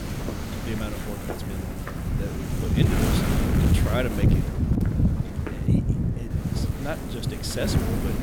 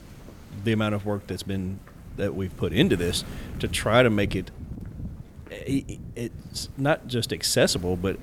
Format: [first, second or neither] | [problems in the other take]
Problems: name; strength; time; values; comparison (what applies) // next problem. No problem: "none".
second | wind noise on the microphone; heavy; 2 dB above the speech; occasional gusts in the second